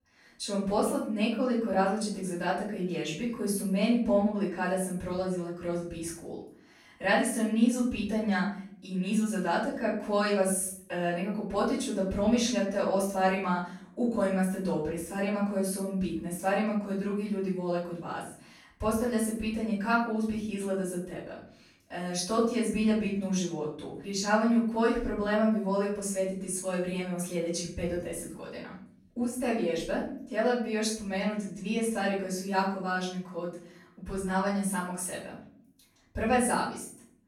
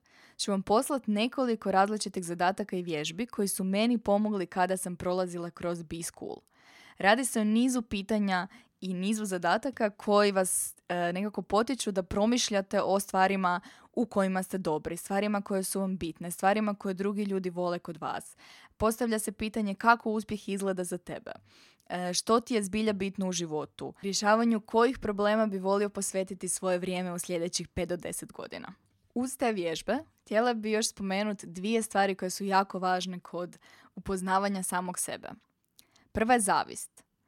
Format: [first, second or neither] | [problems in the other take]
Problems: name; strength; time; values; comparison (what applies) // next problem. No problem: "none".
second | off-mic speech; far // room echo; noticeable; dies away in 0.5 s